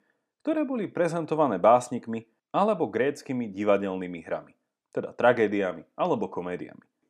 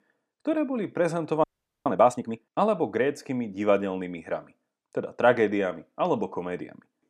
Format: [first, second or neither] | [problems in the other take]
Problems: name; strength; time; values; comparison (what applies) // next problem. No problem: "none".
first | audio freezing; at 1.5 s